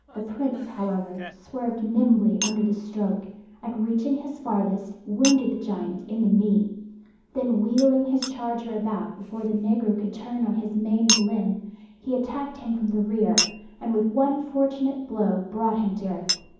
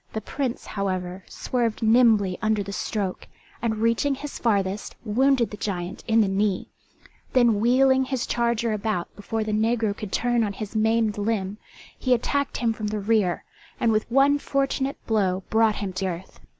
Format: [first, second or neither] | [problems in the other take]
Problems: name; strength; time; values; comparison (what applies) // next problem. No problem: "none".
second | background sound (Chink, clink); 11 dB below the speech // room echo; dies away in 1.2 s